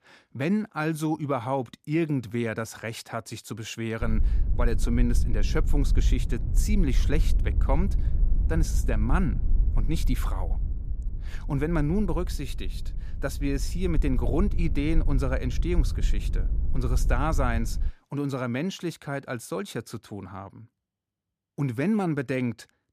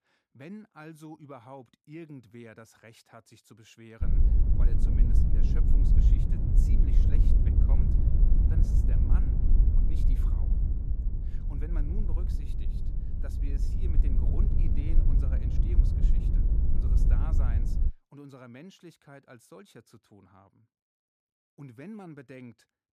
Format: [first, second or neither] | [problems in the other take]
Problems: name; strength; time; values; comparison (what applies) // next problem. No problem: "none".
first | wind noise on the microphone; heavy; from 4 to 18 s; 4 dB above the speech; occasional gusts in the first